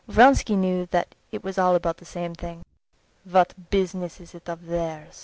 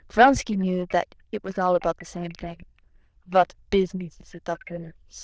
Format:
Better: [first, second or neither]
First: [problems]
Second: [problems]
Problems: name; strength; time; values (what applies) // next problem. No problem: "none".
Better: first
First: none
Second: noise reduction (neural diffusion model UNIVERSE++)